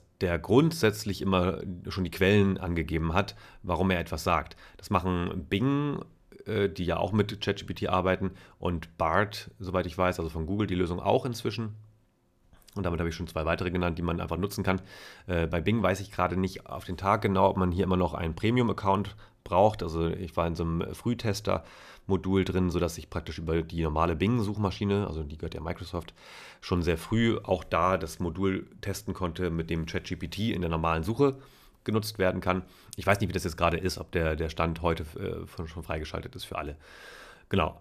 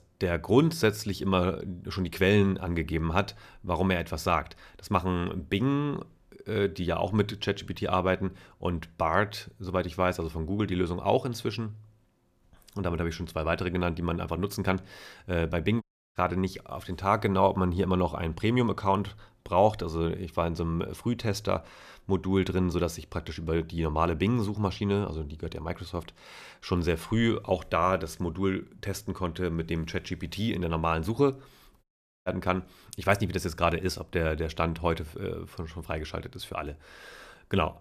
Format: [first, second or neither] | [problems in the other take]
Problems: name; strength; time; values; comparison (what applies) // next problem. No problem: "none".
first | audio cutting out; at 16 s and at 32 s